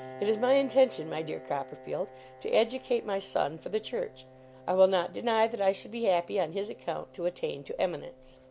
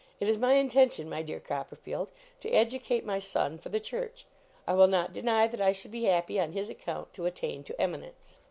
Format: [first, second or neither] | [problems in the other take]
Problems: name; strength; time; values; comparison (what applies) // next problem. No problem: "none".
second | background sound (Piano); 19 dB below the speech